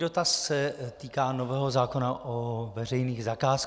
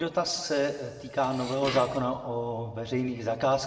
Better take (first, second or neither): first